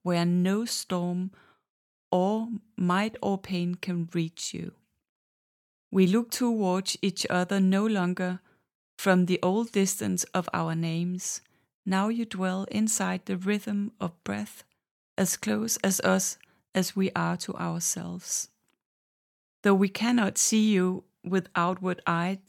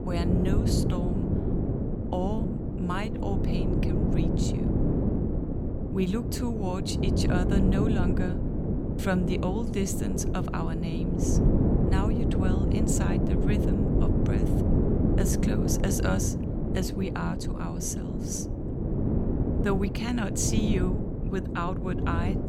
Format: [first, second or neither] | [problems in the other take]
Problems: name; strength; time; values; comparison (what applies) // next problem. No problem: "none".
first | wind noise on the microphone; heavy; as loud as the speech